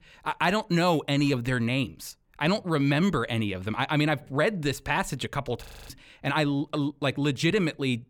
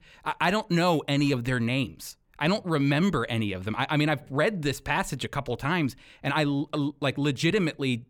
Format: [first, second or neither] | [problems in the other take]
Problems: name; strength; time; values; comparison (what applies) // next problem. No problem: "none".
second | audio freezing; at 5.5 s